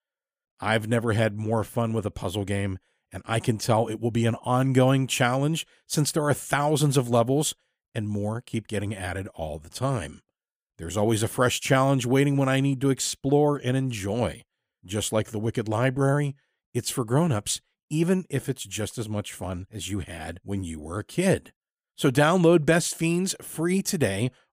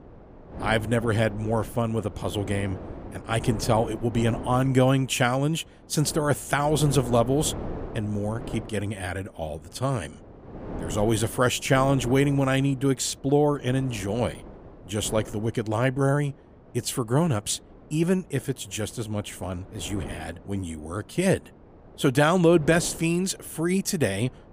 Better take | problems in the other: first | wind noise on the microphone; occasional gusts; 15 dB below the speech

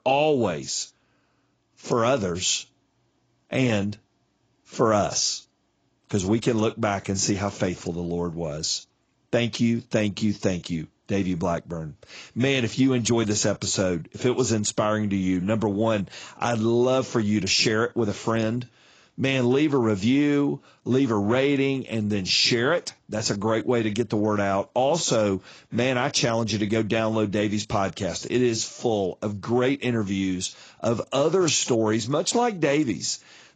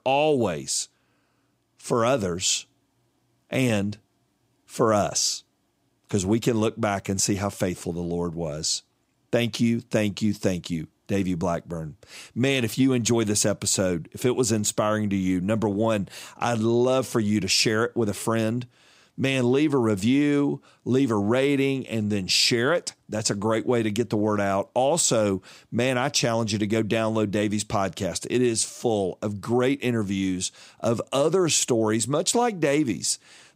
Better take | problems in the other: second | garbled, watery; badly; nothing above 7.5 kHz

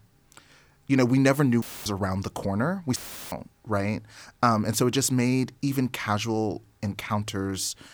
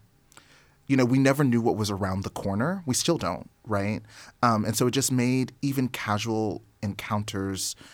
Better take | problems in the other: second | audio cutting out; filled with static; at 1.5 s and at 3 s

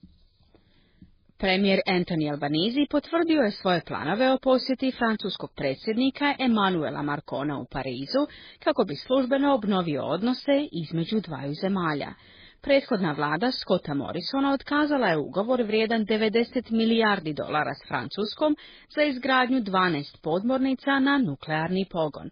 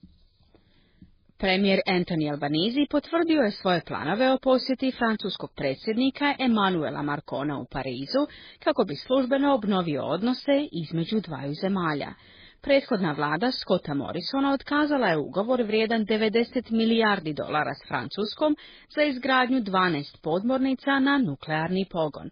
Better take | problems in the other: neither | garbled, watery; badly; the same in both

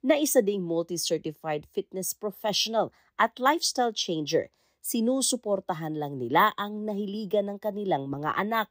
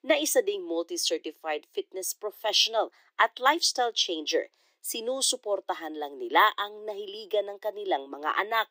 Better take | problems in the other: first | thin; very; fading below 350 Hz

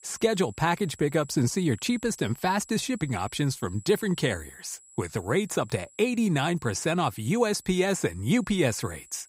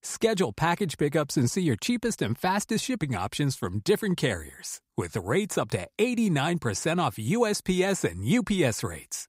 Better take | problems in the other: second | high-pitched whine; faint; throughout; 7.5 kHz, 25 dB below the speech

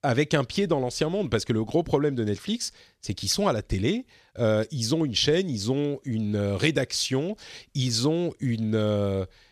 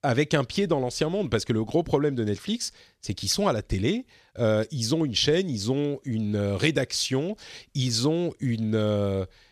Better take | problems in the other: neither | none

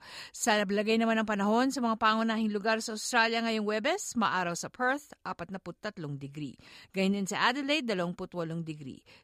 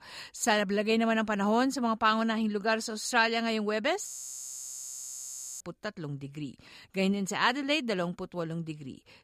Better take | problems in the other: first | audio freezing; at 4 s for 1.5 s

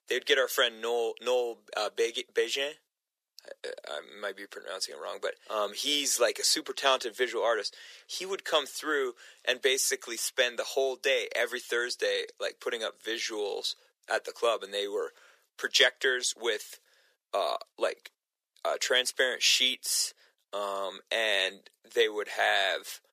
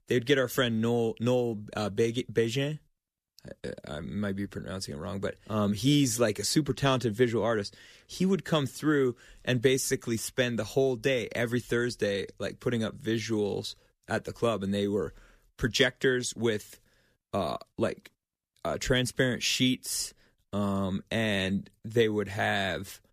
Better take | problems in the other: second | thin; very; fading below 450 Hz

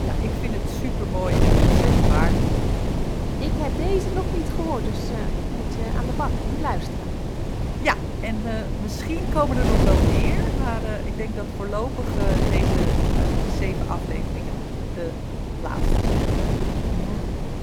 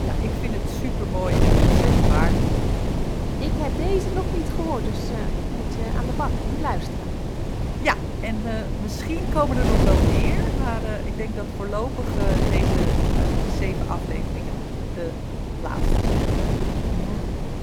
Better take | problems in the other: neither | wind noise on the microphone; heavy; as loud as the speech; the same in both

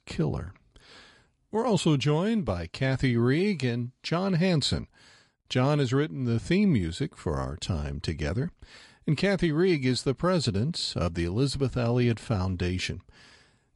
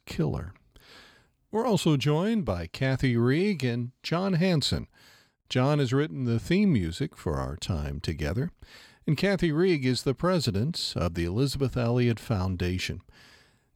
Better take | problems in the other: second | garbled, watery; slightly; nothing above 11 kHz

